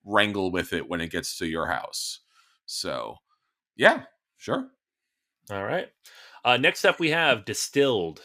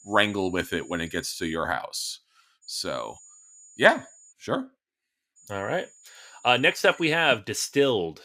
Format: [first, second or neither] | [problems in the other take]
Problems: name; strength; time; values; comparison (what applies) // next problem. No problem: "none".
first | high-pitched whine; faint; until 1.5 s, from 2.5 to 4.5 s and from 5.5 to 7.5 s; 7 kHz, 25 dB below the speech